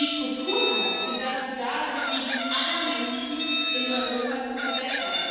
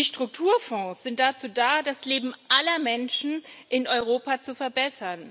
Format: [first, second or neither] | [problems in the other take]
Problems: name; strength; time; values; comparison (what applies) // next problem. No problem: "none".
second | background sound (Chicken, rooster); as loud as the speech // room echo; dies away in 2.1 s